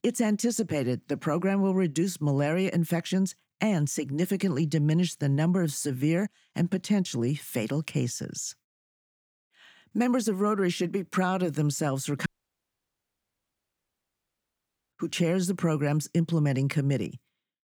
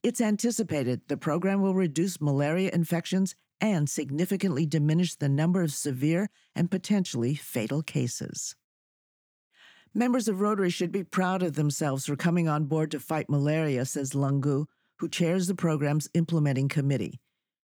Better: second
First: audio cutting out; at 12 s for 2.5 s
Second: none

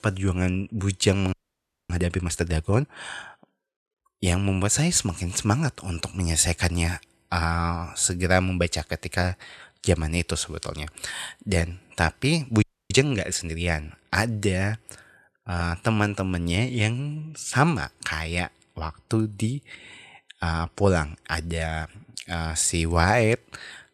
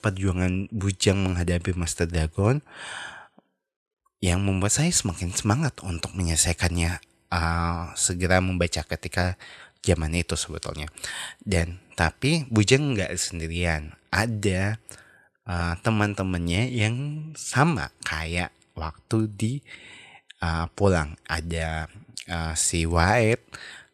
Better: second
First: audio freezing; at 1.5 s for 0.5 s and at 13 s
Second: none

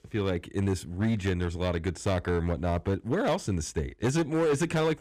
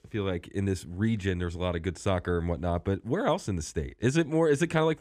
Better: second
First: distortion; slight; 10% of the sound clipped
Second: none

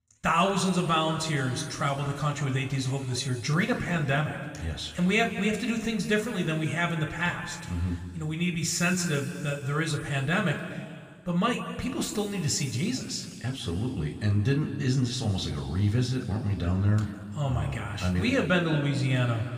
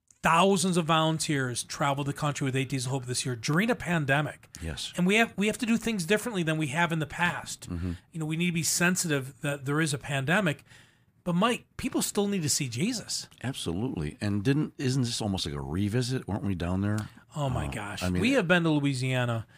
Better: second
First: room echo; noticeable; dies away in 2.2 s // off-mic speech; somewhat distant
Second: none

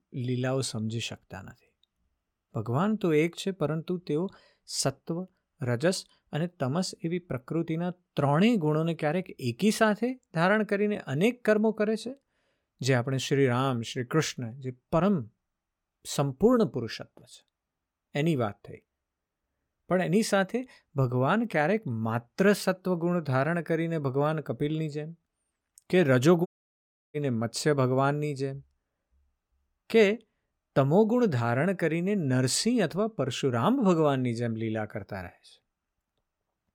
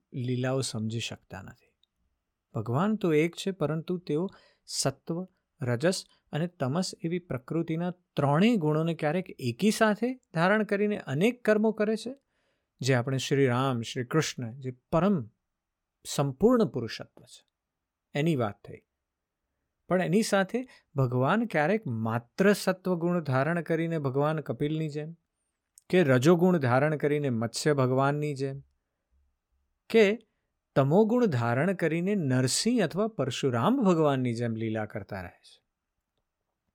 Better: second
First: audio cutting out; at 26 s for 0.5 s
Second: none

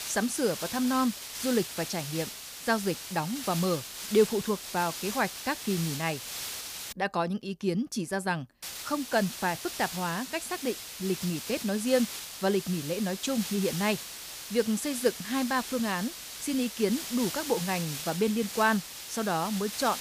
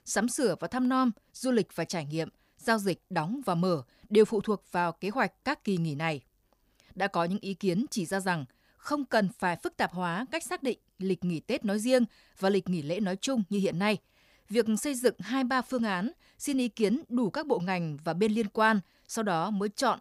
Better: second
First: hiss; loud; until 7 s and from 8.5 s on; 7 dB below the speech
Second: none

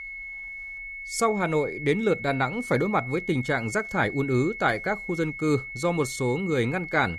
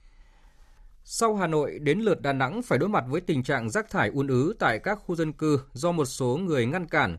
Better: second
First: high-pitched whine; loud; throughout; 2 kHz, 9 dB below the speech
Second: none

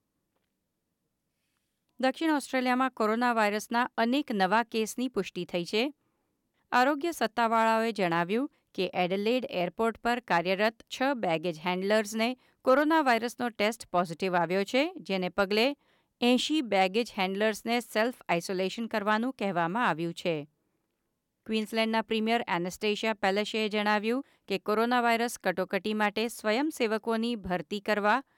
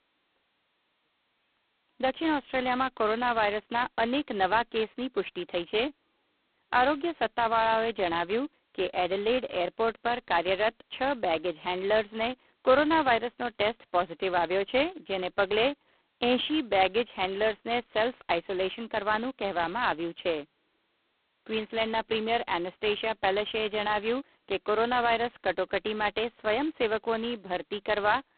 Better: first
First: none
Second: phone-call audio; poor line; nothing above 4 kHz

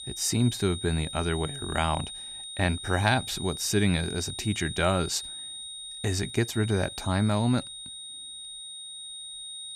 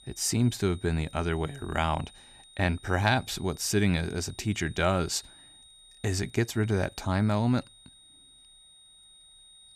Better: second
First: high-pitched whine; loud; throughout; 3.5 kHz, 9 dB below the speech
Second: high-pitched whine; faint; throughout; 3.5 kHz, 25 dB below the speech

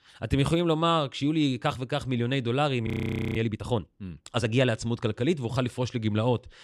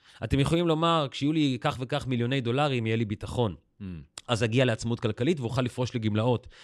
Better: second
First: audio freezing; at 3 s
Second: none

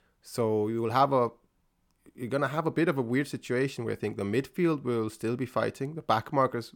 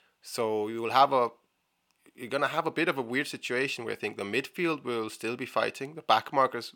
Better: first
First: none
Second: thin; somewhat; fading below 550 Hz

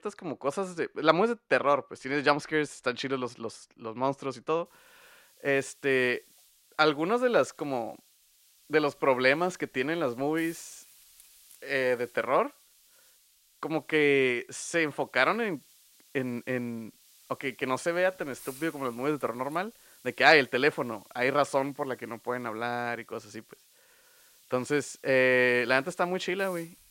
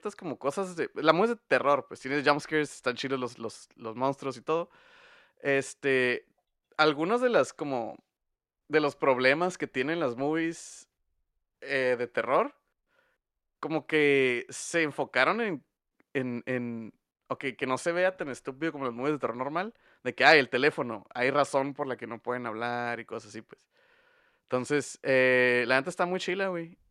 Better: second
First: hiss; faint; from 4.5 s on; 25 dB below the speech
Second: none

